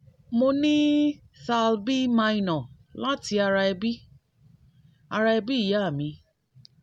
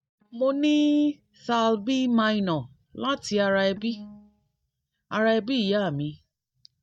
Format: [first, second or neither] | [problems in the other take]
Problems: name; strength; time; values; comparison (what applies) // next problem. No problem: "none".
first | noise reduction (neural mask model DeepFilterNet 3)